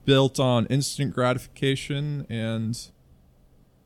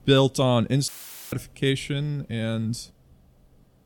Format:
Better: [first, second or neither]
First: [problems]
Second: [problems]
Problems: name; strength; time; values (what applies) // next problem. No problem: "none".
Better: first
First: none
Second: audio cutting out; filled with static; at 1 s